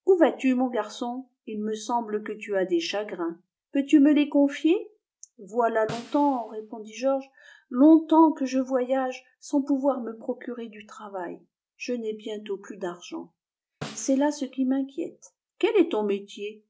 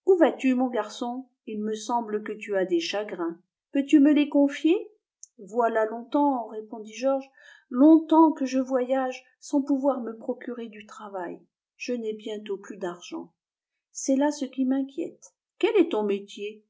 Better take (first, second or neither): second